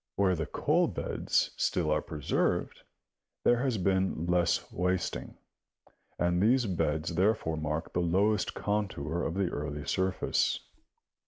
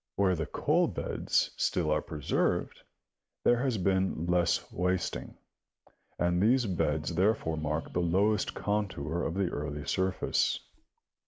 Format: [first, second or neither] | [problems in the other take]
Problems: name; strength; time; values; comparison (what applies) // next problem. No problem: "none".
first | background sound (Guitar); 16 dB below the speech